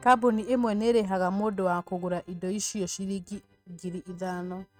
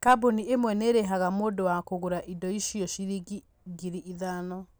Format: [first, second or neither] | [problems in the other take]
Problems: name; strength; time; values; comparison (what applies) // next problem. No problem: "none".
second | noise reduction (neural mask model RNNoise)